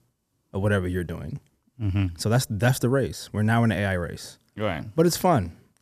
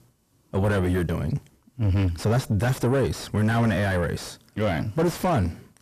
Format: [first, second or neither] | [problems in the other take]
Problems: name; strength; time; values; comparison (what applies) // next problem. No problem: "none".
first | distortion; heavy; 6 dB below the speech